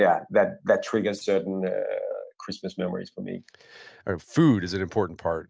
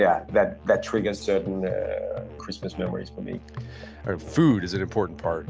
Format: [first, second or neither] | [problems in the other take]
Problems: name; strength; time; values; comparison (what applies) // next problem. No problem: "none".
first | background sound (Musical instrument); 14 dB below the speech